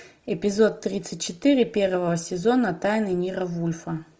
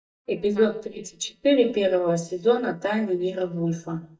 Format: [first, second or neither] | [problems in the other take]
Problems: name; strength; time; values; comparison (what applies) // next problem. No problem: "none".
first | noise reduction (neural mask model DeepFilterNet 3)